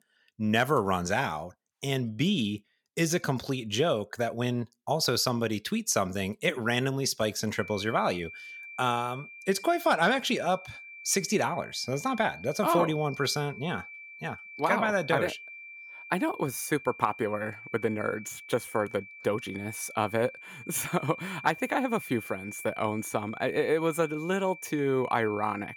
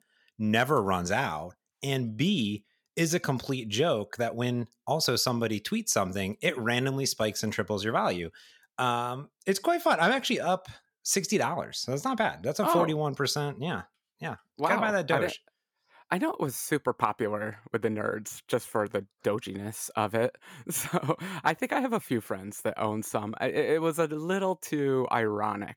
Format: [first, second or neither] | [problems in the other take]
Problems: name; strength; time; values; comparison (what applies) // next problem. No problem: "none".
second | high-pitched whine; noticeable; from 7.5 s on; 2.5 kHz, 15 dB below the speech